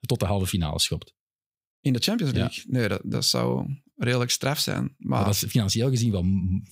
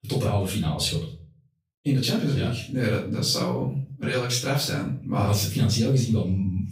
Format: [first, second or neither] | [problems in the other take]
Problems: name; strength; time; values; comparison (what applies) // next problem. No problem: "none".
first | room echo; slight; dies away in 0.4 s // off-mic speech; far